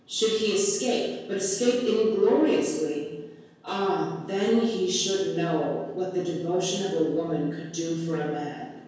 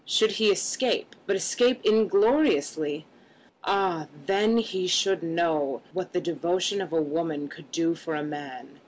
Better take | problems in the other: second | room echo; dies away in 1 s

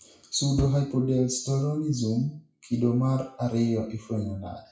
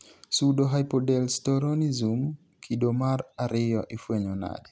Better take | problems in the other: second | noise reduction (classical method WPE with log-MMSE)

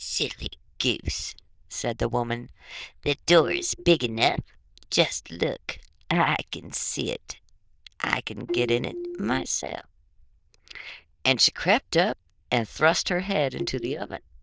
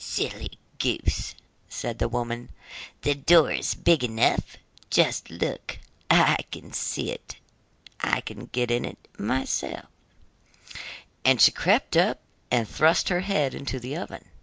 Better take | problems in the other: second | noise reduction (neural diffusion model UNIVERSE++)

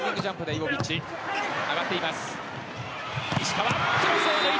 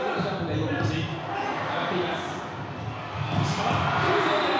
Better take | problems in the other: first | room echo; dies away in 1.1 s

